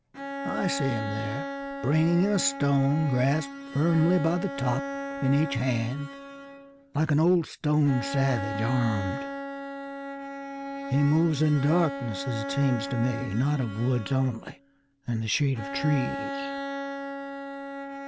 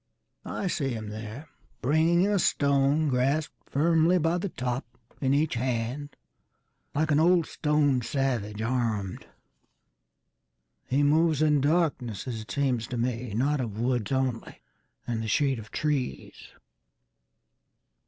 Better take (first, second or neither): second